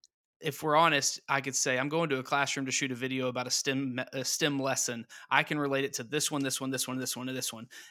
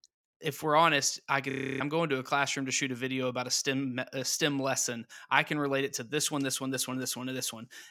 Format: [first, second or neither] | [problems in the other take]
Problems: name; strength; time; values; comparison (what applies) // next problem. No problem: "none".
first | audio freezing; at 1.5 s